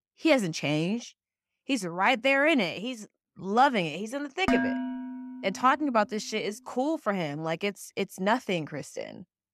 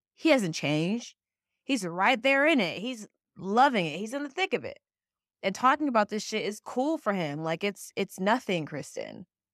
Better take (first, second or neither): second